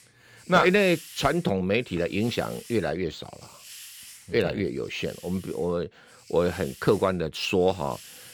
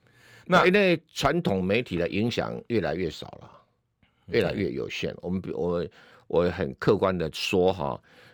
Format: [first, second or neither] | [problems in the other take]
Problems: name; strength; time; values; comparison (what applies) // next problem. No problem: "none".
second | hiss; noticeable; throughout; 20 dB below the speech